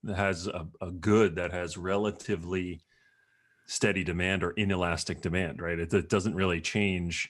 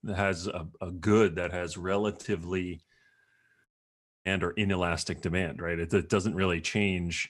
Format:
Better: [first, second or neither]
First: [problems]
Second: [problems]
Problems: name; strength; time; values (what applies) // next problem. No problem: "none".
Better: first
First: none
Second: audio cutting out; at 3.5 s for 0.5 s